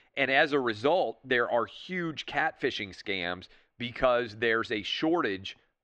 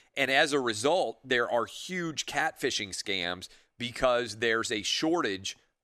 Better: second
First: muffled; slightly; fading above 3 kHz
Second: none

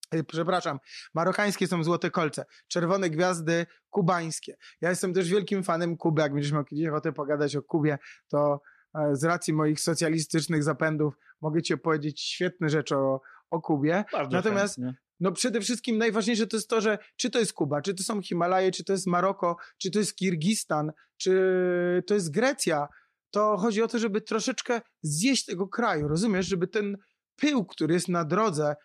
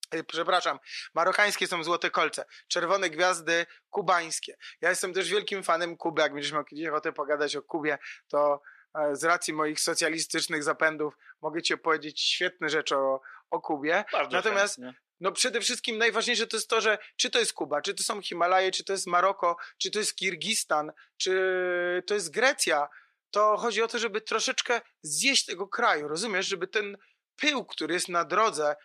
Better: first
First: none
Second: thin; very; fading below 500 Hz

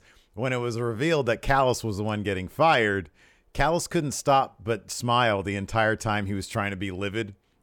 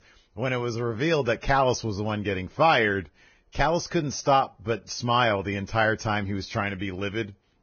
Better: first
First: none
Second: garbled, watery; badly; nothing above 6.5 kHz

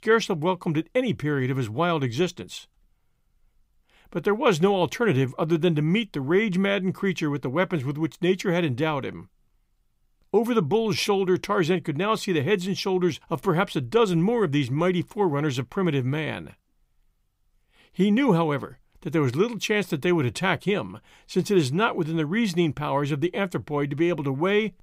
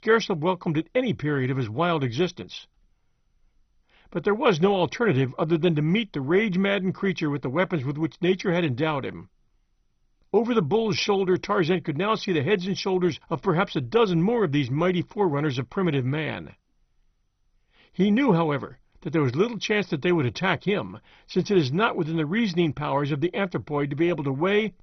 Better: first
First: none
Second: garbled, watery; badly; nothing above 6 kHz

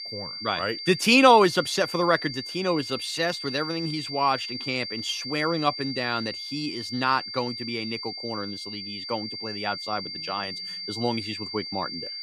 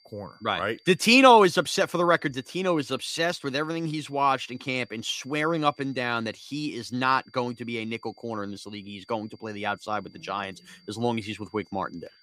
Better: second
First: high-pitched whine; loud; throughout; 4.5 kHz, 7 dB below the speech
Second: high-pitched whine; faint; throughout; 4.5 kHz, 30 dB below the speech

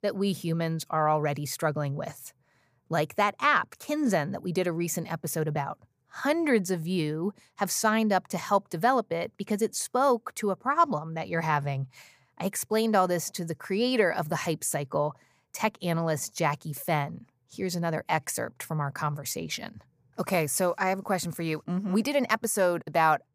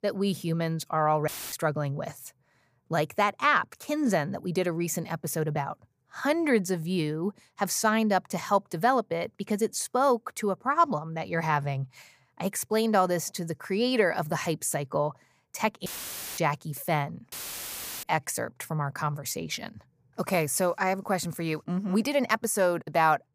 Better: first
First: none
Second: audio cutting out; filled with static; at 1.5 s, at 16 s for 0.5 s and at 17 s for 0.5 s

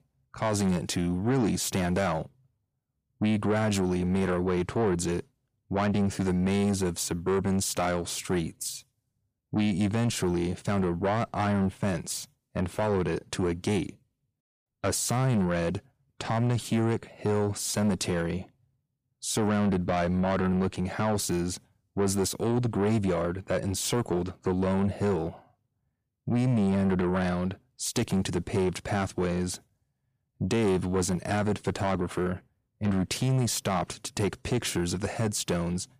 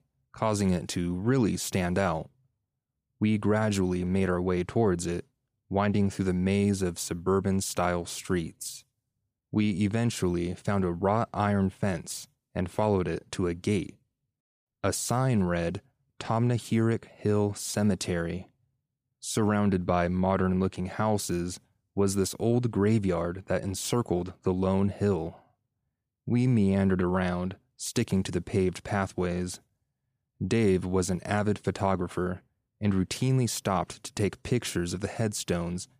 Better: second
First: distortion; slight; 9 dB below the speech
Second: none

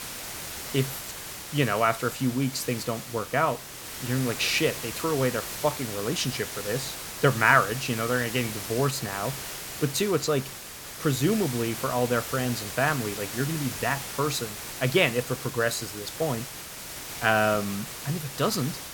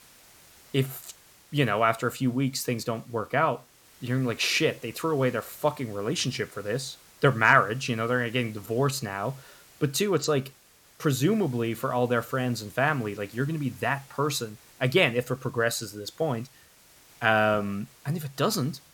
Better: second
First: hiss; loud; throughout; 8 dB below the speech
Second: hiss; faint; throughout; 25 dB below the speech

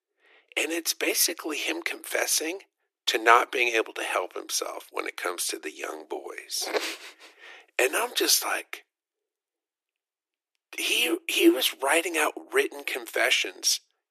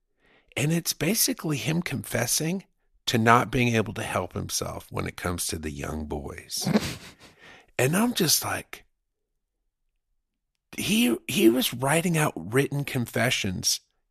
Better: second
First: thin; very; fading below 300 Hz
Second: none

